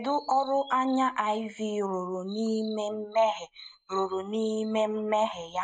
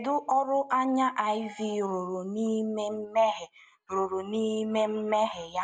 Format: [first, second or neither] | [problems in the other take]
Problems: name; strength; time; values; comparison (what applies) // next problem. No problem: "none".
second | noise reduction (neural mask model Resemble Enhance denoiser)